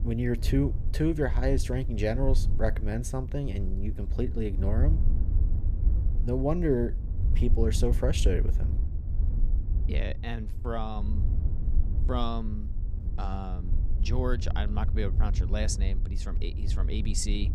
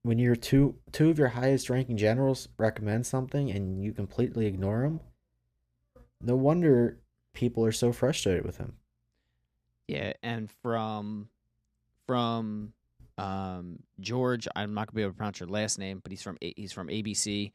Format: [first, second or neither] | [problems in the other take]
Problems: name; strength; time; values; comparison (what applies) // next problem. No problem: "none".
second | wind noise on the microphone; occasional gusts; 15 dB below the speech